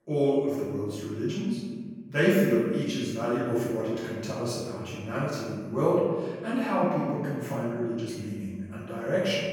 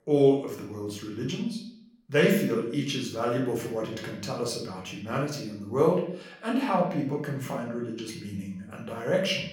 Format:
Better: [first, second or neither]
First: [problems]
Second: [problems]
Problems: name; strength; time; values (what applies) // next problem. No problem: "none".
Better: second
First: room echo; strong; dies away in 1.6 s // off-mic speech; far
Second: room echo; slight; dies away in 0.6 s // off-mic speech; far